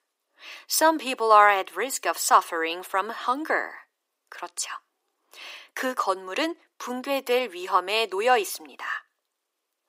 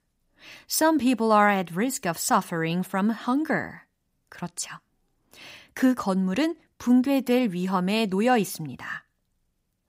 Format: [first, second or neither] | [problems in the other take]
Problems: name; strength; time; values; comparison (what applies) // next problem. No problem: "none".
second | thin; very; fading below 350 Hz